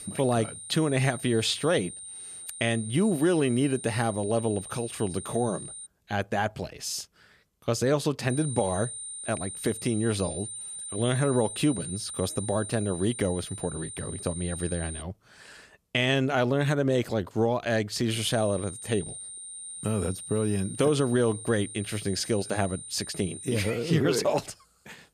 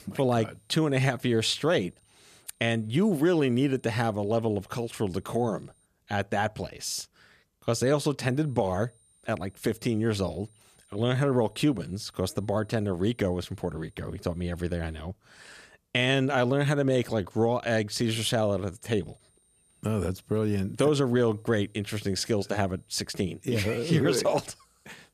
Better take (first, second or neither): second